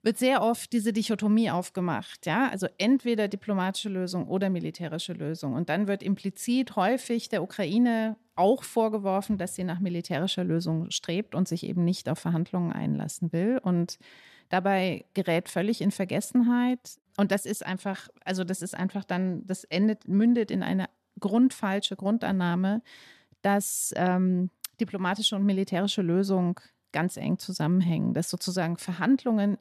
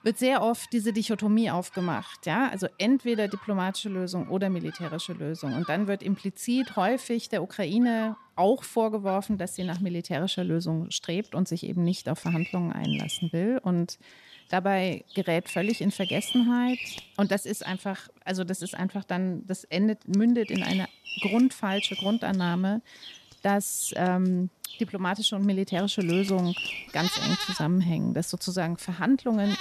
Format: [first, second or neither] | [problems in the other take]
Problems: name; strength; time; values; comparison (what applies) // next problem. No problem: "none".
first | animal sounds; loud; throughout; 9 dB below the speech